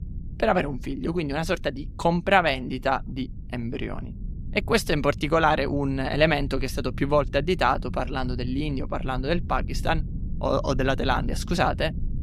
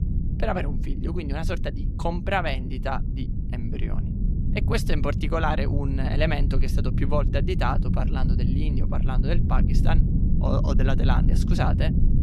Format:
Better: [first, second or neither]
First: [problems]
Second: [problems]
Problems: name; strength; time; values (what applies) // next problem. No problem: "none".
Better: first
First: low rumble; faint; throughout; 25 dB below the speech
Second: low rumble; loud; throughout; 8 dB below the speech